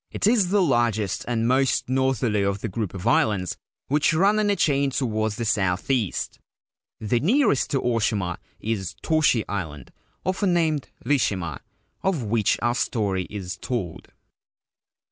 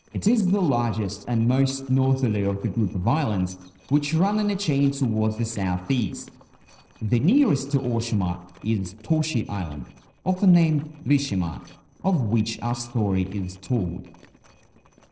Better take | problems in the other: first | noise reduction (neural separator model SepFormer DNS4)

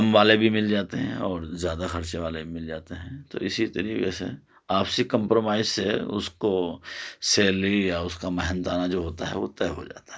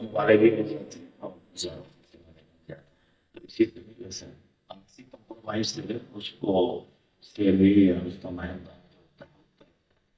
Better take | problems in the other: first | noise reduction (neural mask model DeepFilterNet 3)

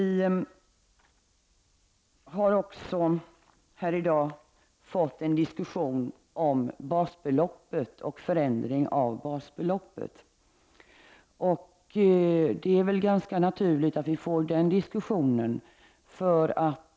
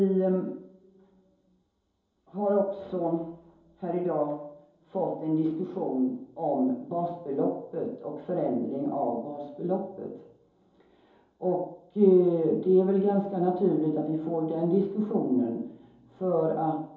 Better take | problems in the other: first | room echo; dies away in 2.8 s

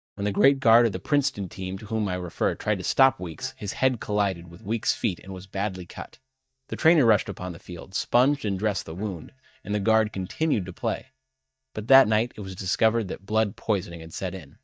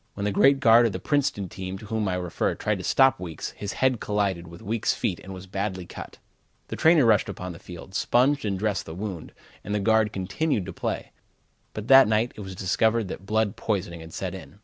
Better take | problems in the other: second | noise reduction (neural mask model DeepFilterNet 3)

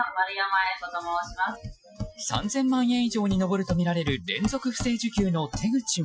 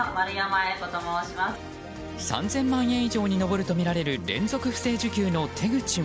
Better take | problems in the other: second | noise reduction (classical method Wiener filter)

